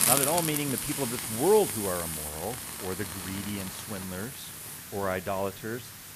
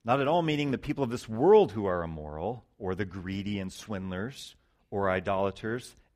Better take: second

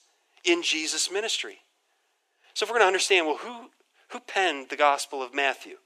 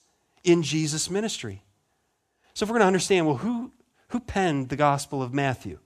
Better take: second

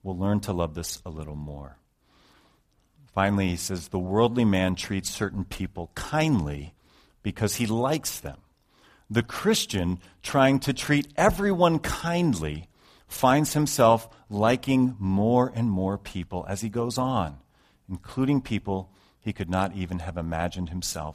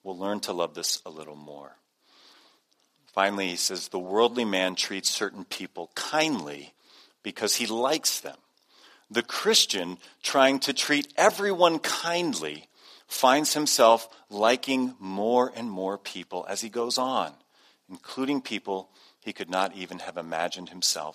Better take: first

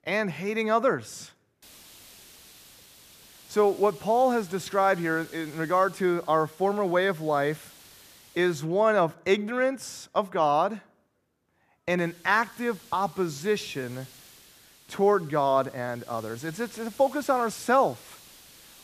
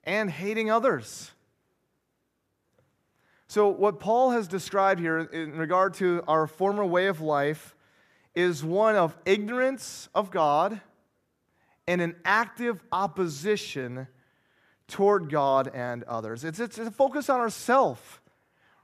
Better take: second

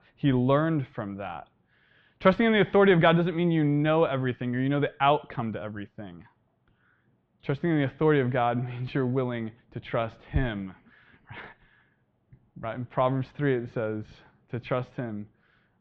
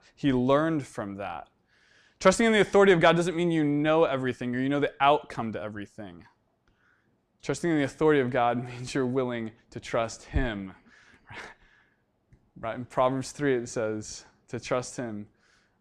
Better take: second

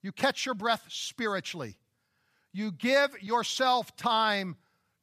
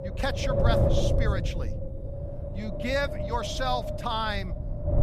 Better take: first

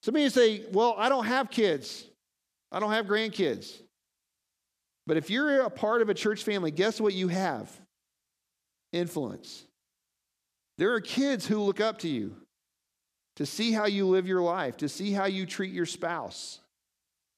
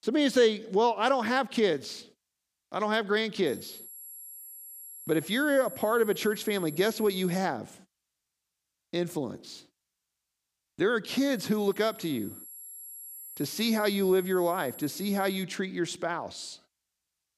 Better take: first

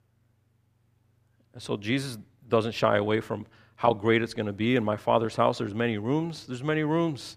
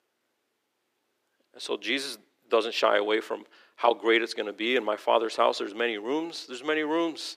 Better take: first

